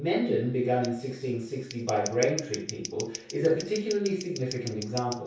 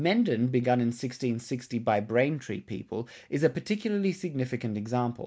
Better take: second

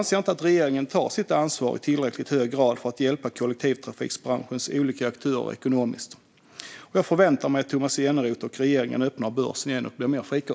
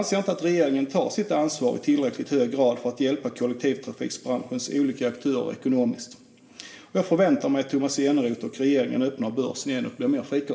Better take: first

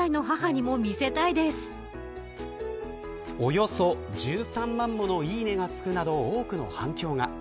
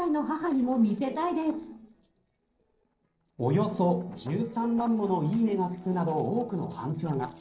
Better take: first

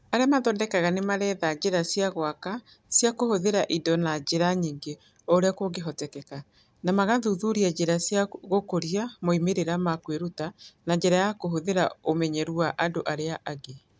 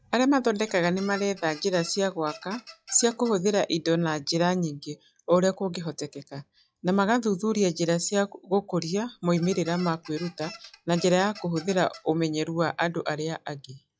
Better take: first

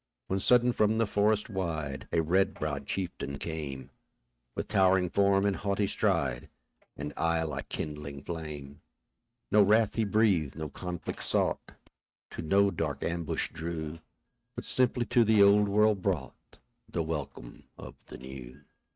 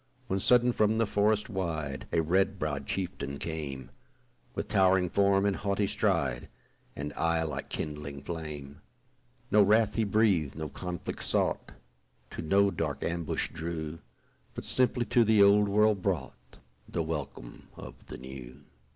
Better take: second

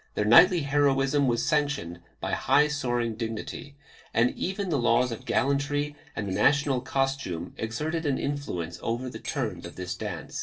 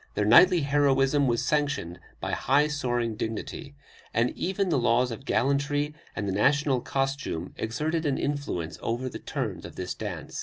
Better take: second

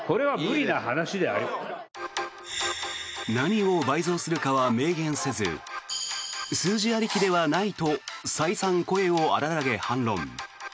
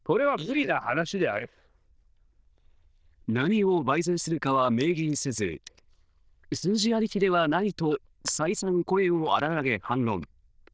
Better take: first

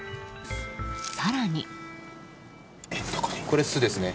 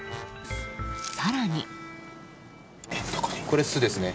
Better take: first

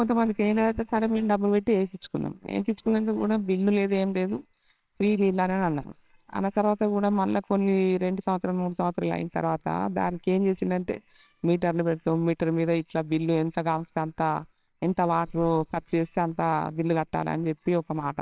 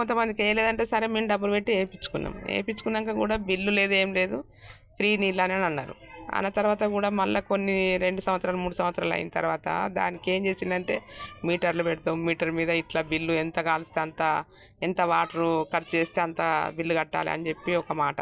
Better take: second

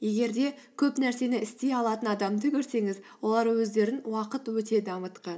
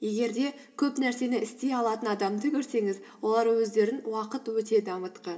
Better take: first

